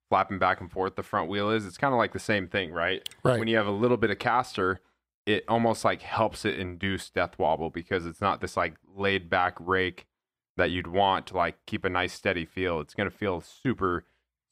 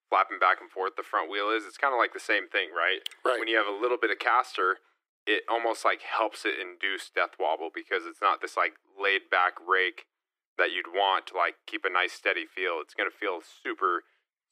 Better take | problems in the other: first | thin; very; fading below 300 Hz

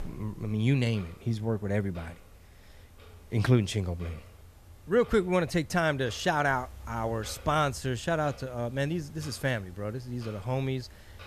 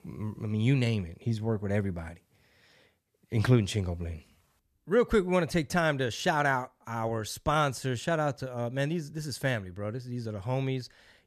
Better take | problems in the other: second | household noises; faint; throughout; 20 dB below the speech

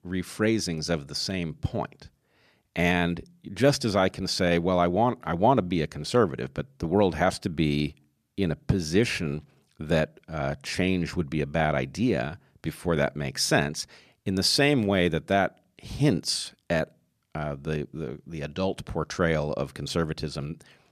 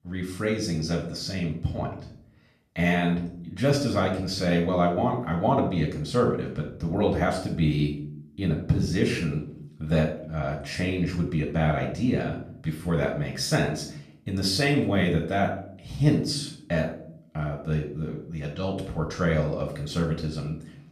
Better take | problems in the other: first | off-mic speech; far // room echo; noticeable; dies away in 0.5 s

